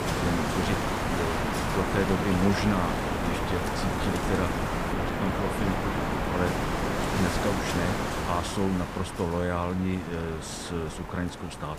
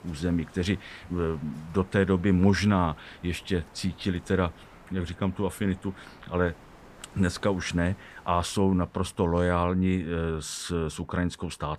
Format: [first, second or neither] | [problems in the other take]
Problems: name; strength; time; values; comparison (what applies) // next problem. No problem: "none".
second | wind noise on the microphone; heavy; 4 dB above the speech; occasional gusts in the second